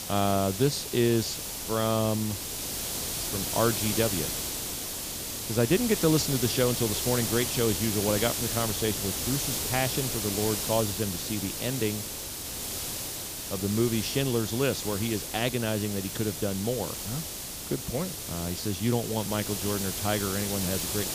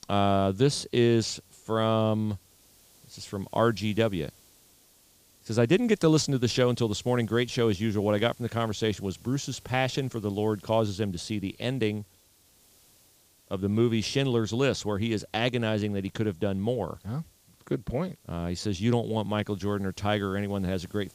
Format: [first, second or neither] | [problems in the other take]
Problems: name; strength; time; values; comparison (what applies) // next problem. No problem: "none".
second | hiss; loud; throughout; 2 dB below the speech; faint in the second